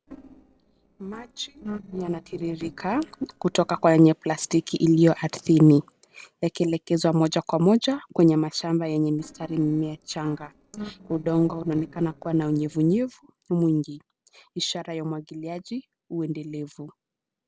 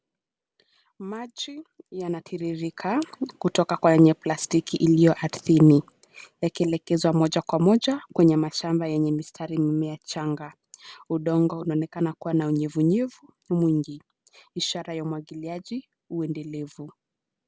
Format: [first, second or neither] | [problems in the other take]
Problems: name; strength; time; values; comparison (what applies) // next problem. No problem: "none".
second | noise reduction (neural separator model SepFormer DNS4)